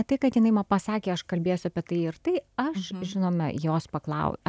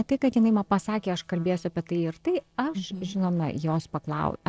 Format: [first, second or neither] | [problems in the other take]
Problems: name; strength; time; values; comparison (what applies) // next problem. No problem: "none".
first | noise reduction (neural separator model SepFormer DNS4)